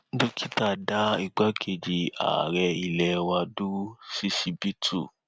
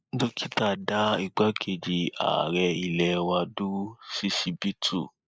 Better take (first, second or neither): first